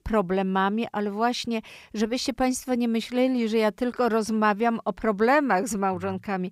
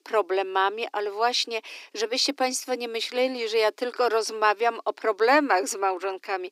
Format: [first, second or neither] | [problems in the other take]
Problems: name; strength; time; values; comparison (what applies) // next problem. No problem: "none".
first | thin; somewhat; fading below 300 Hz